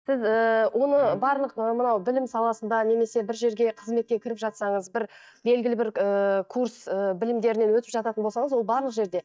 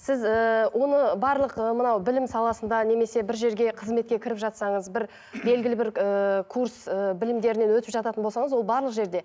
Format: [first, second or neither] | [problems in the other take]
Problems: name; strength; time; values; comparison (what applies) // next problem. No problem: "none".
second | noise reduction (neural mask model DeepFilterNet 3)